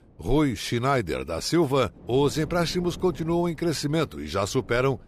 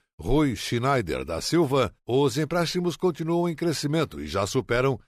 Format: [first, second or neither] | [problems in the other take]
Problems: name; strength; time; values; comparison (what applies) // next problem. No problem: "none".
second | wind noise on the microphone; occasional gusts; 25 dB below the speech